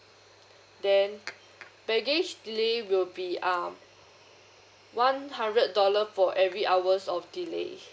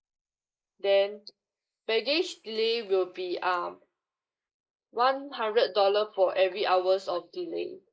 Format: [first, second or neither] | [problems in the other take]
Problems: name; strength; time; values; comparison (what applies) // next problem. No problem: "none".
first | noise reduction (neural mask model Resemble Enhance denoiser)